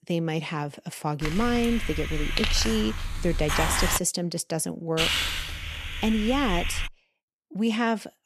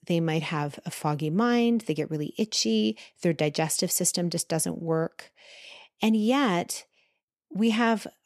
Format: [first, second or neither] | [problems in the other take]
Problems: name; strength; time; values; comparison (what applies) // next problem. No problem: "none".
second | hiss; loud; from 1 to 4 s and from 5 to 7 s; 2 dB below the speech